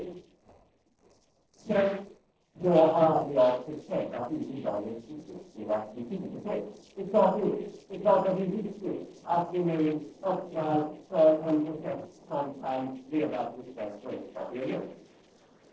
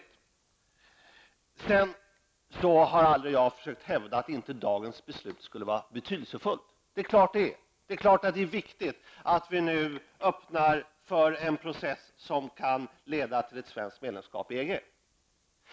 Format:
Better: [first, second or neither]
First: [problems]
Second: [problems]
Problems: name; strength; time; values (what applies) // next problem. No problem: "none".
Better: second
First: noise reduction (neural separator model SepFormer DNS4)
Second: none